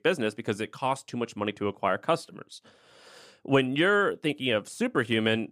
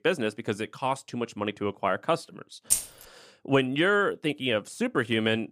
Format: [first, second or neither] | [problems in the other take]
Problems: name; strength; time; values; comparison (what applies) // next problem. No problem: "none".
first | jangling keys; loud; at 2.5 s; peak 2 dB above the speech